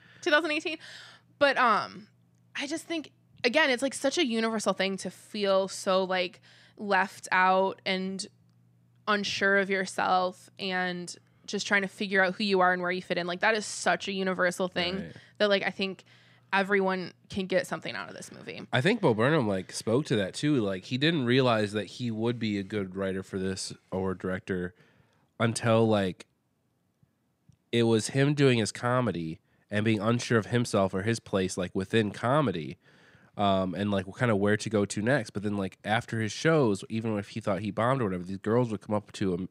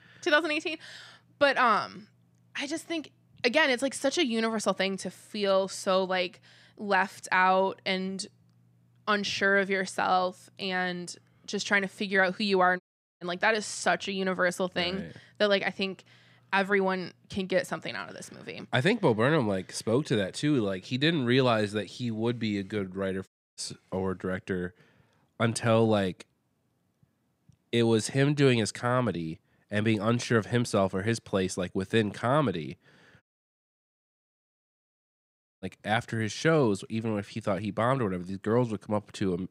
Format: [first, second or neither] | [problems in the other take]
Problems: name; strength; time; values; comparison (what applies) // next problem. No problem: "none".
first | audio cutting out; at 13 s, at 23 s and at 33 s for 2.5 s